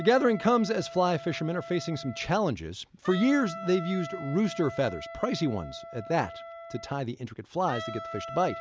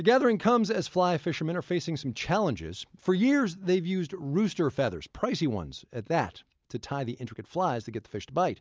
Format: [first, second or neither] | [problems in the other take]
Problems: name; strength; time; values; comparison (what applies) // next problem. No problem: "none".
second | background sound (Wind instrument, woodwind instrument); 13 dB below the speech